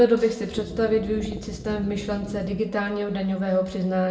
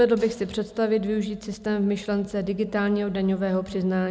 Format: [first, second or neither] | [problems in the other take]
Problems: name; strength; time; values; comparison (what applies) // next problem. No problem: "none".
second | background sound (Wind instrument, woodwind instrument); 12 dB below the speech // room echo; dies away in 0.6 s